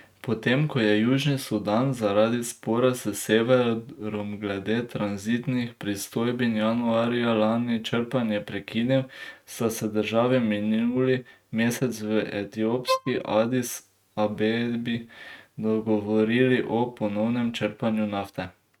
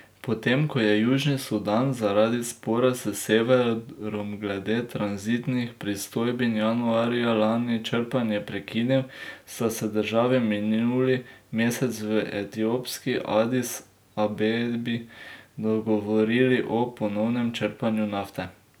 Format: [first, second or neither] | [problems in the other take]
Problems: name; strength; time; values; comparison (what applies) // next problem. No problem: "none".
second | noise reduction (neural mask model RNNoise)